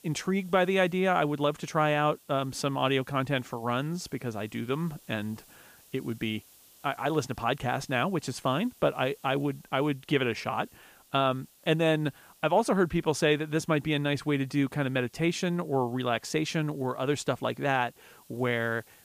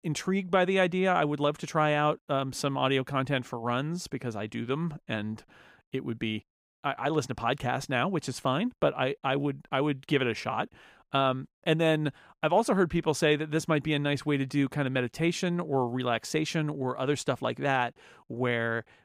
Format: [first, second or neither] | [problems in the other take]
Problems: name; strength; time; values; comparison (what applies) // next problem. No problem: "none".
second | hiss; faint; throughout; 25 dB below the speech